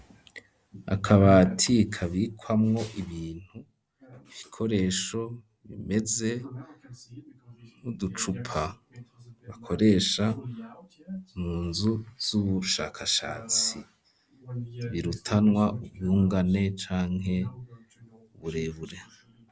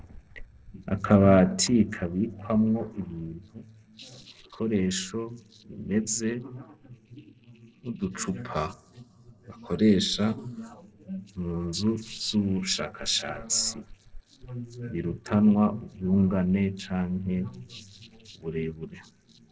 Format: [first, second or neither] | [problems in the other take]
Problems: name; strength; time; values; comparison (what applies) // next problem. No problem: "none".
first | noise reduction (neural separator model SepFormer DNS4)